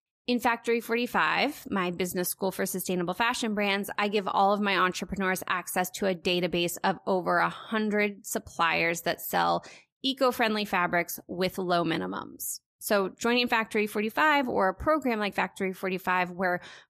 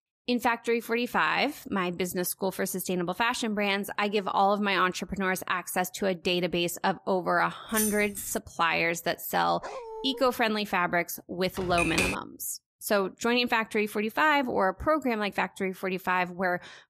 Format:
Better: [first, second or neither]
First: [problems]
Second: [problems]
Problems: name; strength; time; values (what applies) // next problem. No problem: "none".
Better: first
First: none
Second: jangling keys; noticeable; at 7.5 s; peak 2 dB below the speech // dog barking; faint; at 9.5 s; peak 10 dB below the speech // keyboard typing; loud; at 12 s; peak 1 dB above the speech